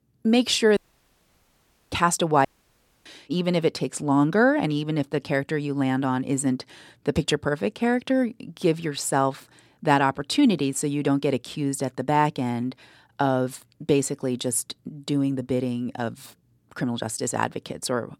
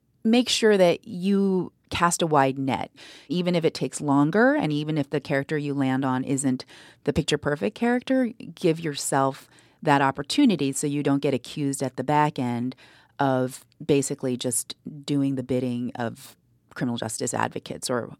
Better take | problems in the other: second | audio cutting out; at 1 s for 1 s and at 2.5 s for 0.5 s

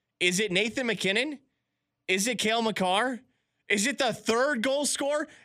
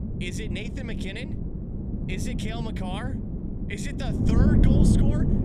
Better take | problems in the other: first | wind noise on the microphone; heavy; 2 dB above the speech

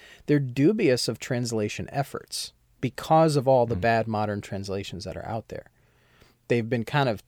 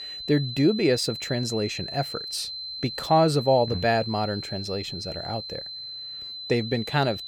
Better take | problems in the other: first | high-pitched whine; loud; throughout; 4 kHz, 8 dB below the speech

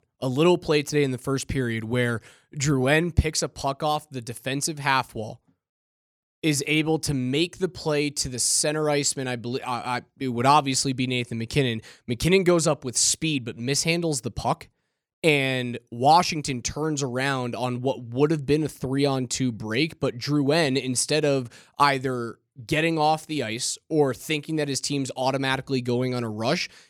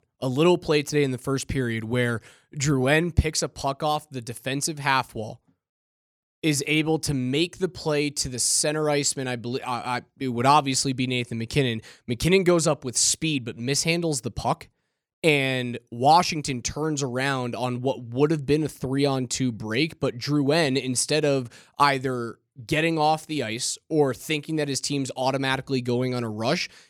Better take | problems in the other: neither | none

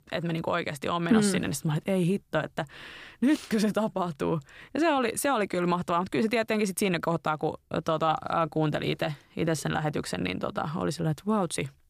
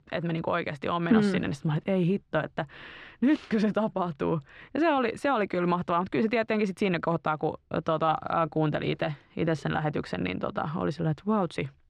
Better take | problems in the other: first | muffled; slightly; fading above 3 kHz

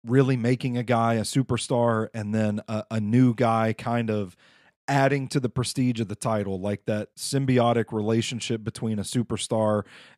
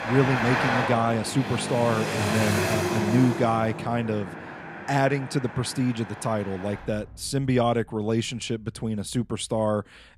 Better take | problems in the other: first | traffic noise; loud; throughout; 3 dB below the speech

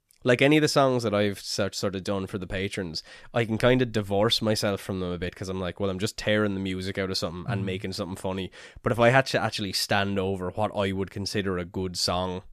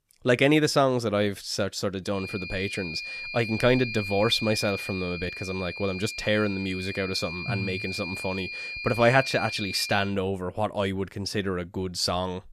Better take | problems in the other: first | high-pitched whine; loud; from 2 to 10 s; 2.5 kHz, 7 dB below the speech

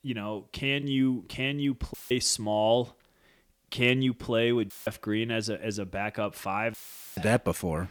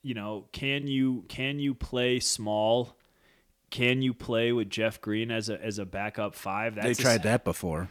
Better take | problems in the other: second | audio cutting out; filled with static; at 2 s, at 4.5 s and at 6.5 s

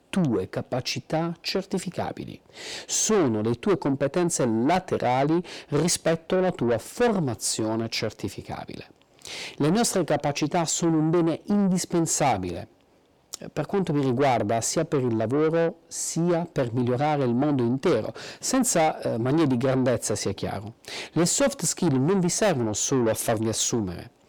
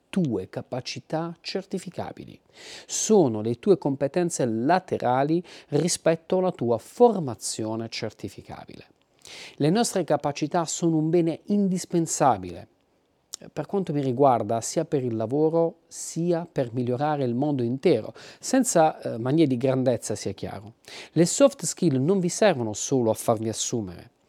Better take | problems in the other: second | distortion; heavy; 7 dB below the speech

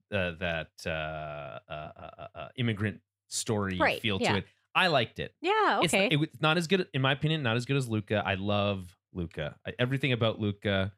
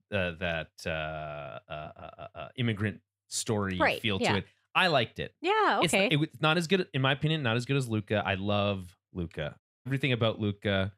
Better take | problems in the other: first | audio cutting out; at 9.5 s

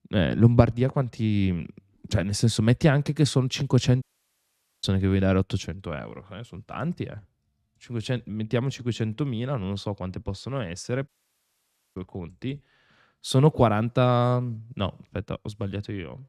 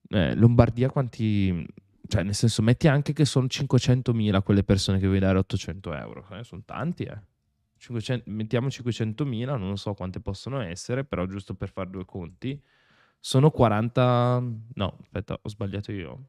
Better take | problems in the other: second | audio cutting out; at 4 s for 1 s and at 11 s for 1 s

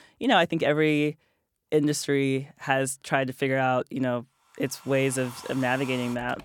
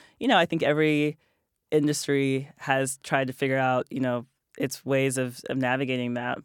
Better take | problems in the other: second | household noises; noticeable; from 5 s on; 15 dB below the speech

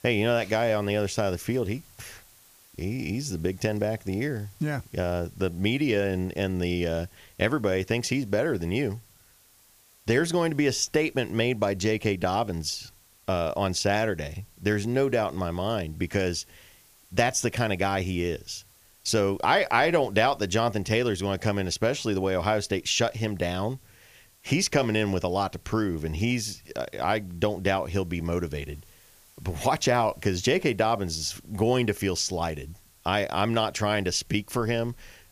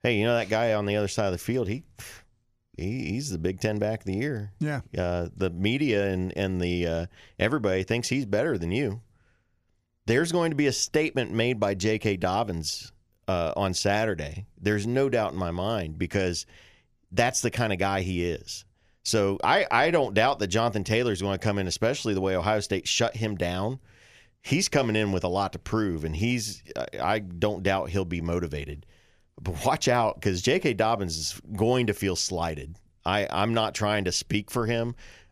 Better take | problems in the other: second | hiss; faint; throughout; 30 dB below the speech

